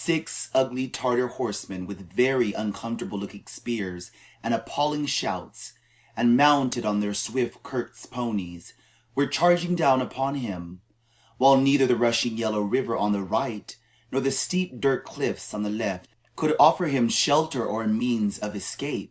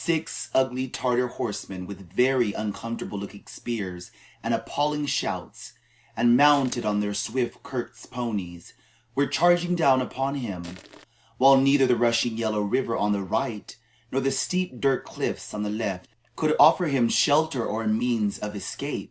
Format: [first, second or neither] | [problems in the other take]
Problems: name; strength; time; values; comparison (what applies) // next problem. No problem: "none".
first | background sound (Crushing); 19 dB below the speech